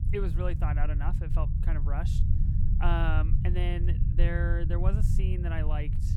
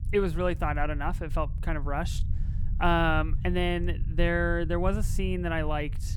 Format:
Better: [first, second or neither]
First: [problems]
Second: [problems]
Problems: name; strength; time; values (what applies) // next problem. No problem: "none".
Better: second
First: low rumble; loud; throughout; 7 dB below the speech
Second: low rumble; faint; throughout; 20 dB below the speech